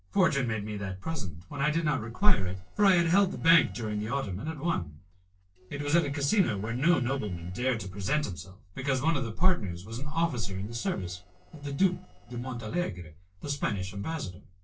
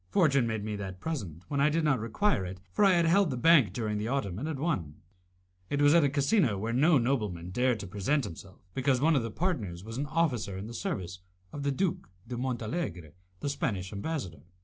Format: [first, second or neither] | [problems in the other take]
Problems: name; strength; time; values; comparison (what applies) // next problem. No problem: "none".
second | noise reduction (neural separator model SepFormer DNS4)